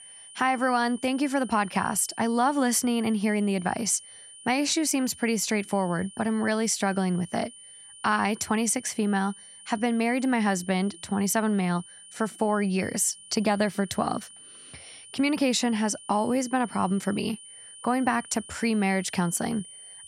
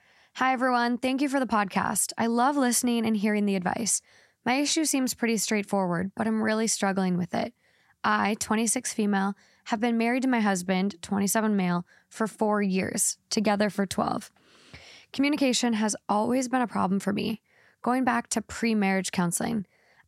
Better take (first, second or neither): second